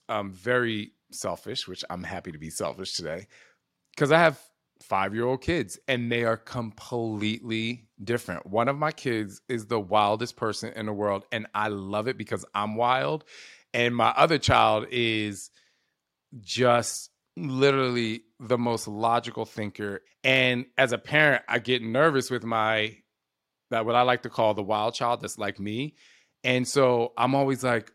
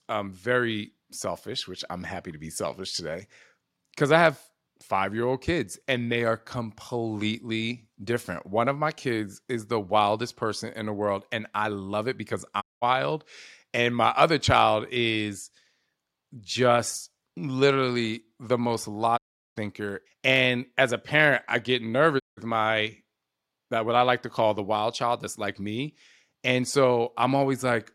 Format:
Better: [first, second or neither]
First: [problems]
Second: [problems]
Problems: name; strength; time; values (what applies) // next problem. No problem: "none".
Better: first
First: none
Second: audio cutting out; at 13 s, at 19 s and at 22 s